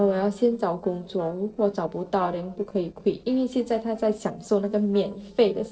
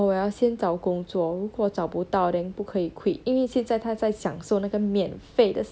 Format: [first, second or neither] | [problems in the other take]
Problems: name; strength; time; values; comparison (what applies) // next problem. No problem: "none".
second | noise reduction (neural separator model SepFormer DNS4)